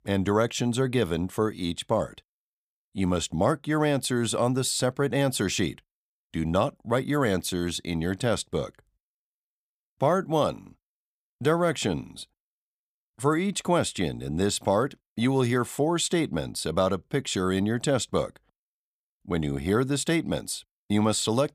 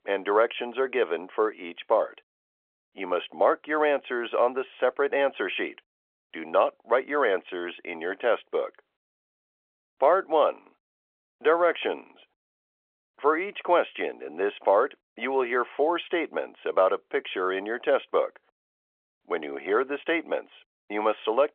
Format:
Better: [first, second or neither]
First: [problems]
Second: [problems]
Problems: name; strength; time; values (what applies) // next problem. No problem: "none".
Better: first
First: none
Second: phone-call audio; nothing above 3.5 kHz